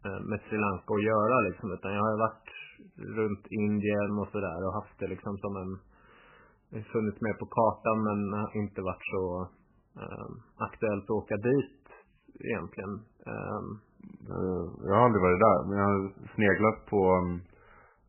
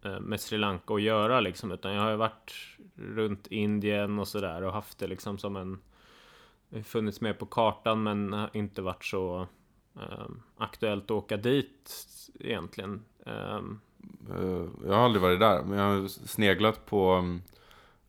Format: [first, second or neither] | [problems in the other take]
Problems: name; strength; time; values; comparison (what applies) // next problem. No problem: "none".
second | garbled, watery; badly; nothing above 2.5 kHz